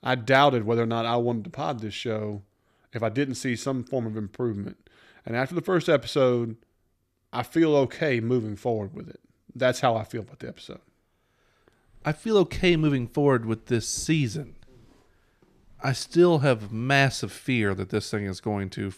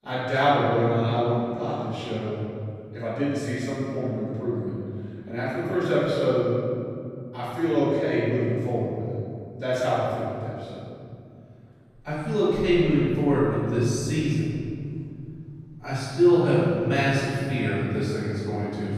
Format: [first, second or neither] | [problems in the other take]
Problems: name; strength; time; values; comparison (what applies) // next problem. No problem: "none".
first | off-mic speech; far // room echo; strong; dies away in 2.8 s